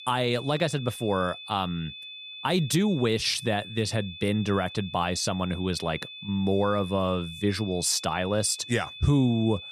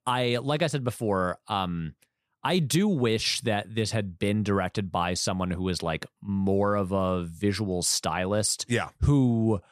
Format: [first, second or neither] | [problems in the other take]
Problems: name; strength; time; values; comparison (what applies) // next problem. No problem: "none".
second | high-pitched whine; noticeable; throughout; 3.5 kHz, 15 dB below the speech